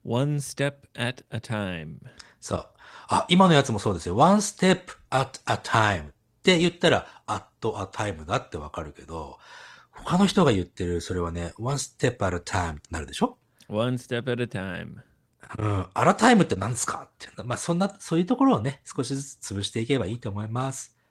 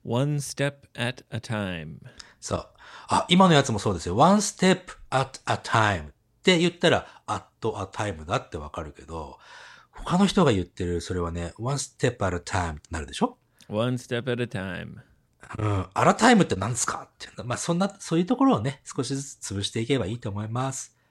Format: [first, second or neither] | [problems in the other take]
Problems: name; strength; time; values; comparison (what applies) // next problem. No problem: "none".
second | garbled, watery; slightly; nothing above 16 kHz